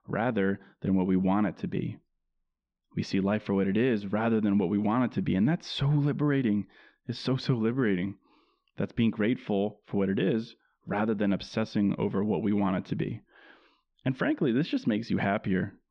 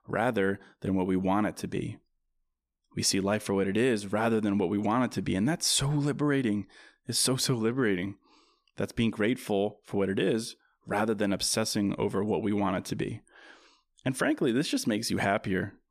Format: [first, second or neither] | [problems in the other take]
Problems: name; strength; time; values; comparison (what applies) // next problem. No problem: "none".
second | muffled; slightly; fading above 3.5 kHz